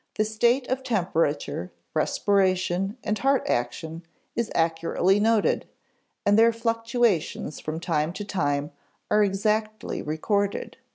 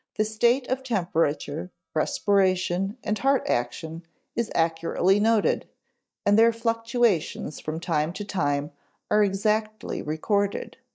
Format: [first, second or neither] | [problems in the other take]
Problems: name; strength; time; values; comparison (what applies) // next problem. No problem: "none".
first | noise reduction (neural mask model DeepFilterNet 3)